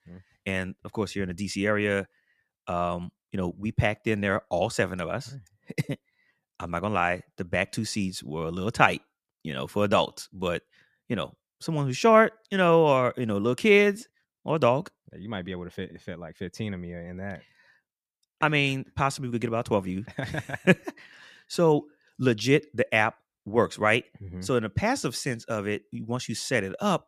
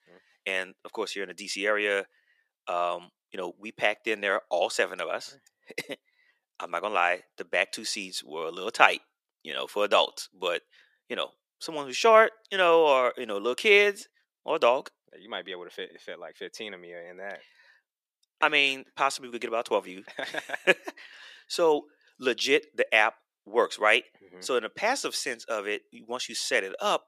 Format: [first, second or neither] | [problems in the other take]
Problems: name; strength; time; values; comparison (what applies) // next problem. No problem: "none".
first | thin; very; fading below 400 Hz